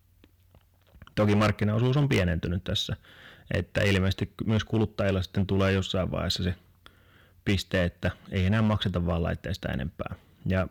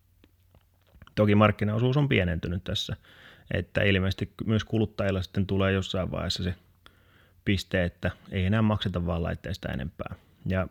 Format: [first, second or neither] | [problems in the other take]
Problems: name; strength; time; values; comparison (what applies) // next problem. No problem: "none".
second | distortion; slight; 4% of the sound clipped